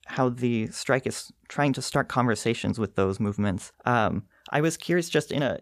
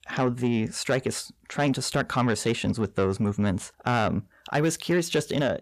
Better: first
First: none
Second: distortion; slight; 10 dB below the speech

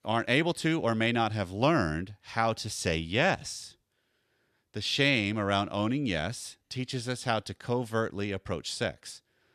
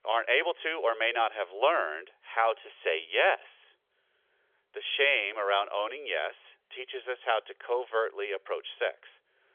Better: first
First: none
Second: phone-call audio; nothing above 3.5 kHz

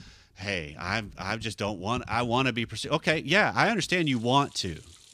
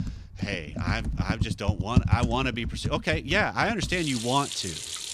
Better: first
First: household noises; faint; throughout; 25 dB below the speech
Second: household noises; loud; throughout; 2 dB below the speech

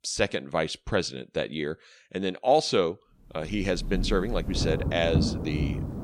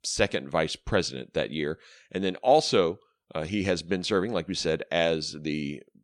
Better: second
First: rain or running water; loud; from 3.5 s on; 2 dB below the speech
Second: none

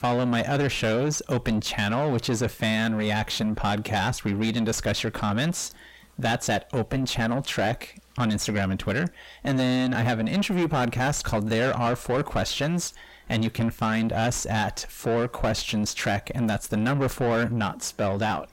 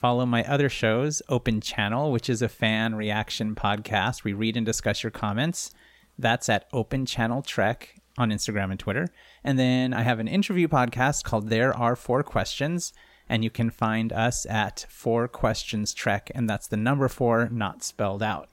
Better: second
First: distortion; heavy; 6 dB below the speech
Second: none

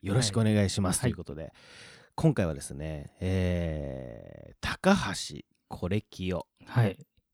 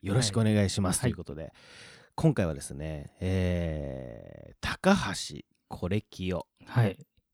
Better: neither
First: none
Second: none

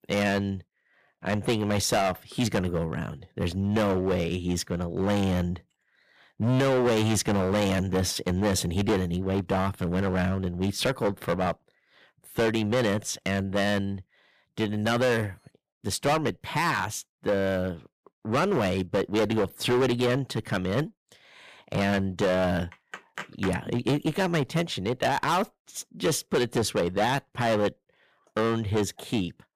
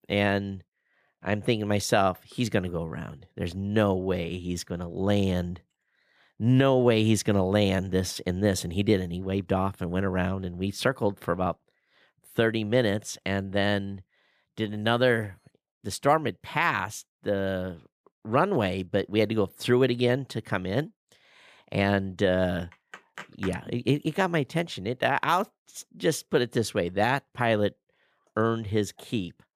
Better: second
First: distortion; heavy; 11% of the sound clipped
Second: none

